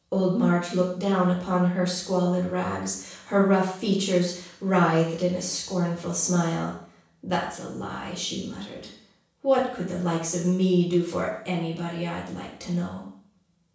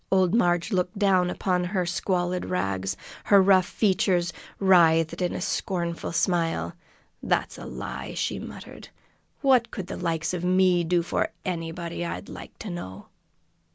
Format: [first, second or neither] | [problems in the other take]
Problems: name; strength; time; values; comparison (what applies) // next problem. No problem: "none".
second | room echo; dies away in 0.7 s